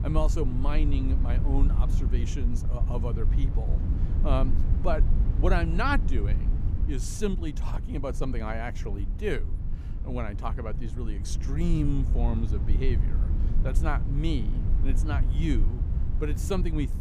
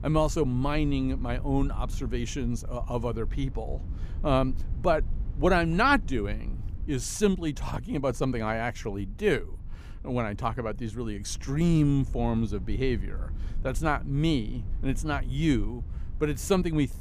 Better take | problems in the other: second | low rumble; loud; throughout; 10 dB below the speech; faint in the second

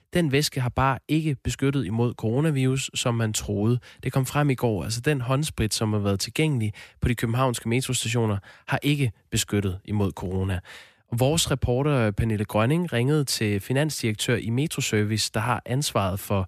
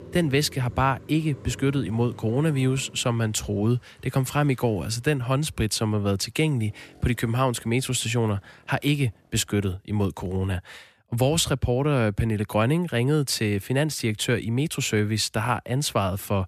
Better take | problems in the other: first | traffic noise; faint; until 9.5 s; 20 dB below the speech

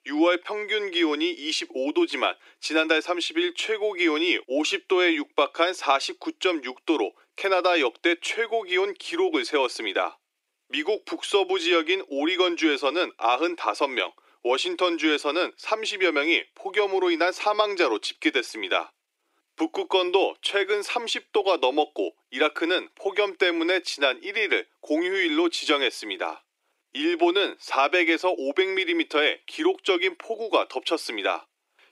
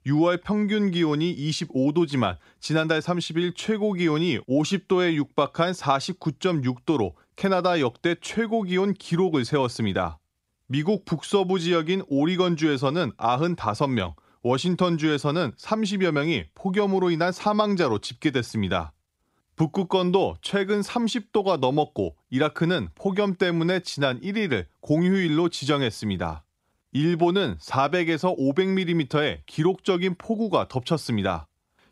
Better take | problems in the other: second | thin; very; fading below 300 Hz

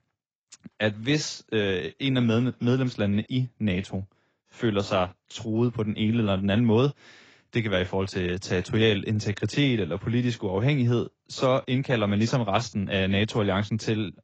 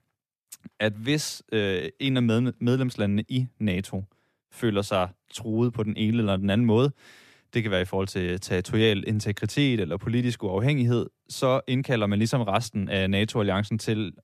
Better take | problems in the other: second | garbled, watery; badly; nothing above 7.5 kHz

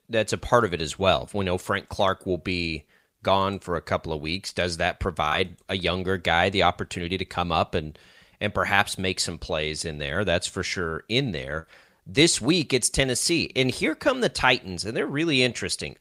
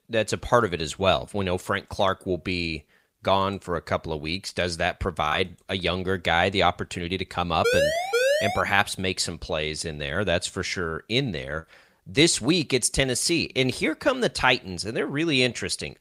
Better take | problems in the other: first | siren; loud; at 7.5 s; peak 3 dB above the speech

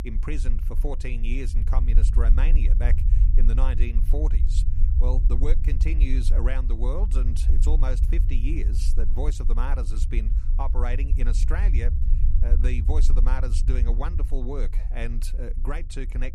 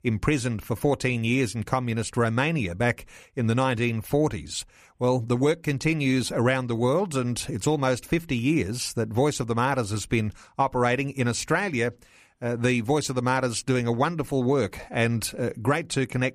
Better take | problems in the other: second | low rumble; loud; throughout; 8 dB below the speech

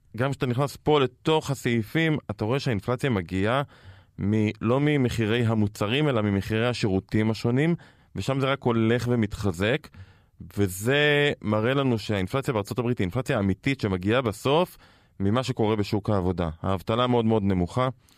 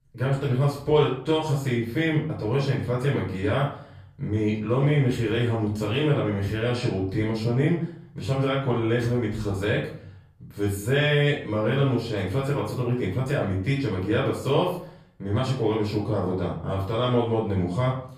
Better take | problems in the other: first | off-mic speech; far // room echo; noticeable; dies away in 0.5 s

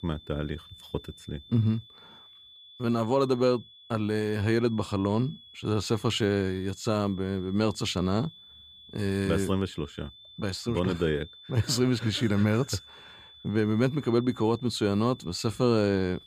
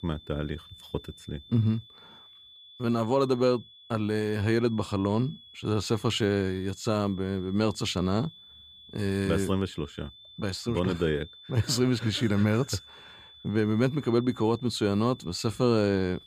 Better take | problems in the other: neither | high-pitched whine; faint; throughout; 3.5 kHz, 20 dB below the speech; the same in both

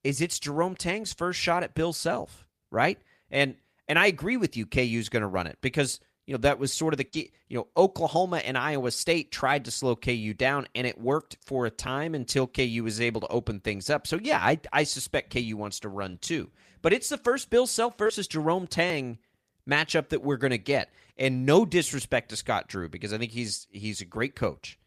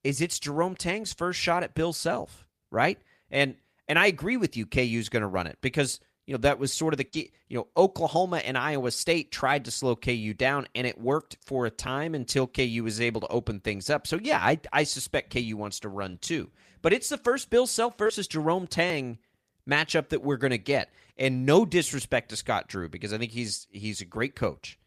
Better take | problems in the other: neither | none

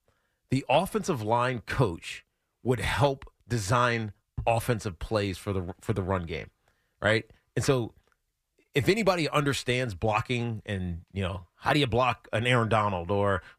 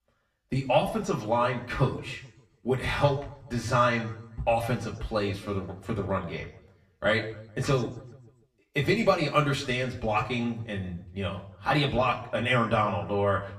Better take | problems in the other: first | room echo; slight; dies away in 0.6 s // off-mic speech; far

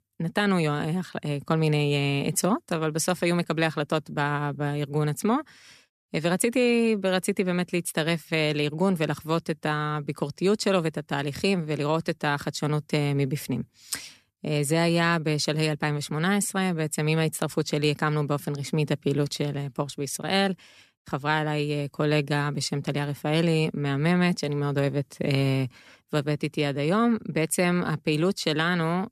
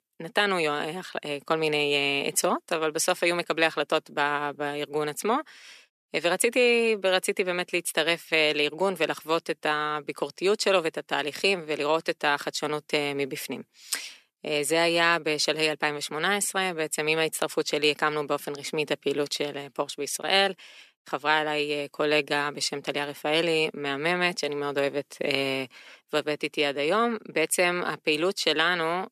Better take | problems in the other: first | thin; somewhat; fading below 450 Hz

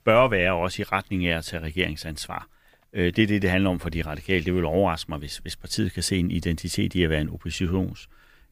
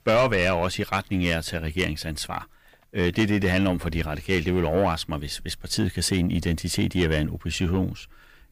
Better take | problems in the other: first | distortion; slight; 10 dB below the speech

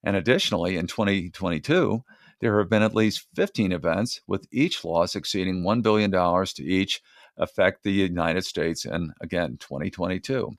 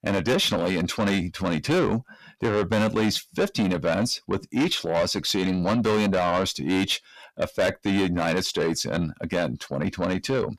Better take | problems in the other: first | distortion; heavy; 7 dB below the speech

